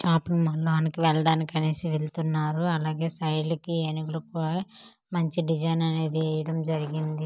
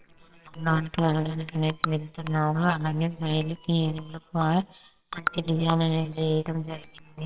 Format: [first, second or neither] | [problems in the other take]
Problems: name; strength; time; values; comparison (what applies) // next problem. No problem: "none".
first | noise reduction (neural separator model SepFormer WHAMR!)